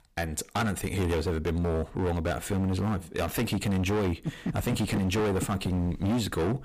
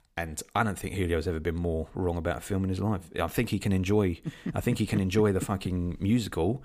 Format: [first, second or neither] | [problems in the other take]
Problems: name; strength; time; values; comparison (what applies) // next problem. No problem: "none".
second | distortion; heavy; 22% of the sound clipped